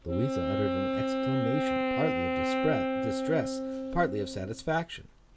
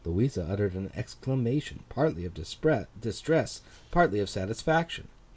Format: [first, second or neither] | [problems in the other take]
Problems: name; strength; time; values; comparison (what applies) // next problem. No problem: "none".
second | background sound (Wind instrument, woodwind instrument); 2 dB above the speech